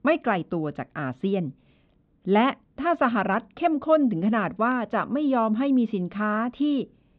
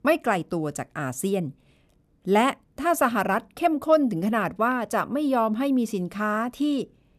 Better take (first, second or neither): second